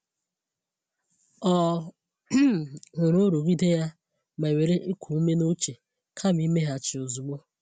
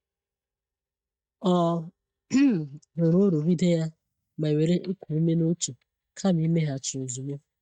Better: first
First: none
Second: noise reduction (neural mask model DeepFilterNet 3)

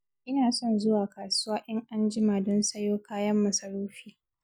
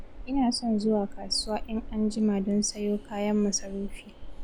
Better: first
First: none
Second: background sound (Train); 11 dB below the speech

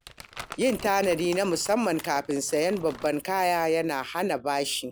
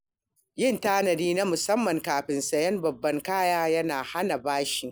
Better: second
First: background sound (Crumpling, crinkling); 18 dB below the speech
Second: none

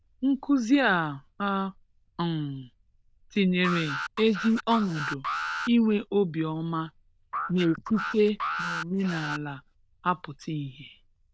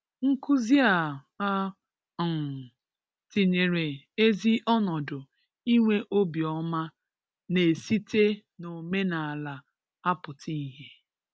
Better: second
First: noise reduction (neural diffusion model UNIVERSE++)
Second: none

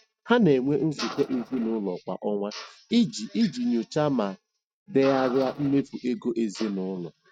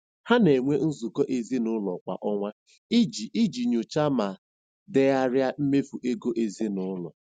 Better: second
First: noise reduction (neural mask model RNNoise)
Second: none

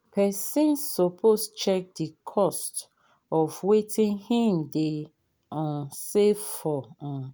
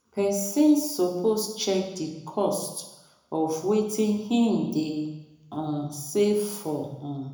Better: first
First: none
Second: room echo; dies away in 0.9 s

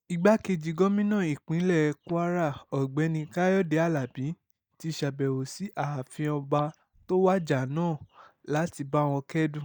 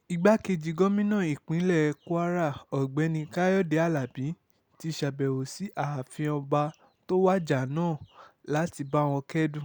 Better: second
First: noise reduction (neural mask model DeepFilterNet 3)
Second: none

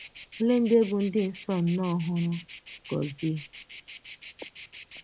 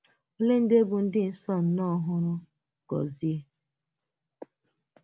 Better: second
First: noise reduction (neural mask model Resemble Enhance denoiser)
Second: none

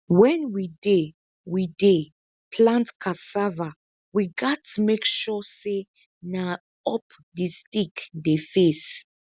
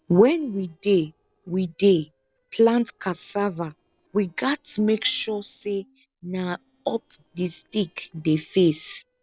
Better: first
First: none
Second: noise reduction (neural separator model SepFormer DNS4)

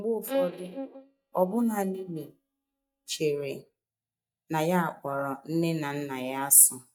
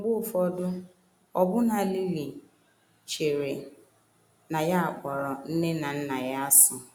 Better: second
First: noise reduction (neural mask model DeepFilterNet 3)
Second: none

